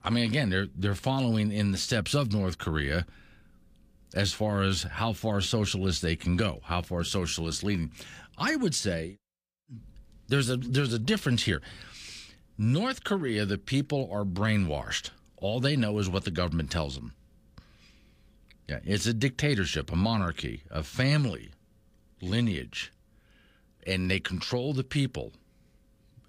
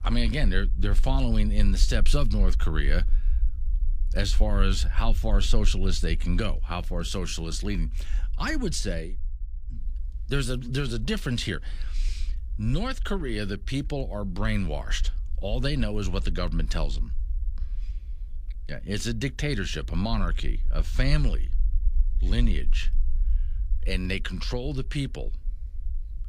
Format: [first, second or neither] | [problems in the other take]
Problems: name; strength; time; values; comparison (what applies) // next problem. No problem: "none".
first | low rumble; faint; throughout; 25 dB below the speech